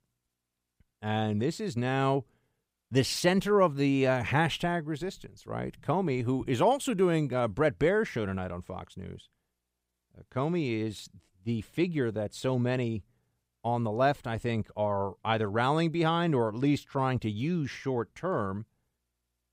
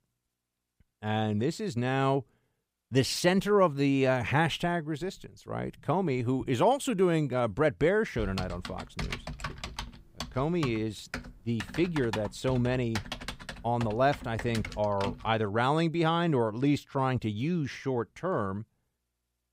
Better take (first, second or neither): first